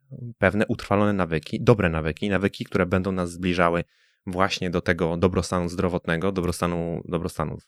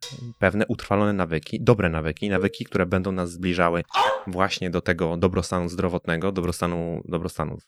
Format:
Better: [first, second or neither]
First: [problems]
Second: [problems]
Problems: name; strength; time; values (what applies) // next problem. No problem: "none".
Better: first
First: none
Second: clattering dishes; faint; at the start; peak 15 dB below the speech // clattering dishes; noticeable; at 2.5 s; peak 9 dB below the speech // dog barking; loud; at 4 s; peak 2 dB above the speech